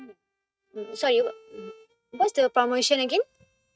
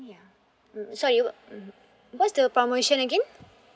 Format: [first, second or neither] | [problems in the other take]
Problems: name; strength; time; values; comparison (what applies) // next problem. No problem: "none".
second | noise reduction (neural mask model RNNoise)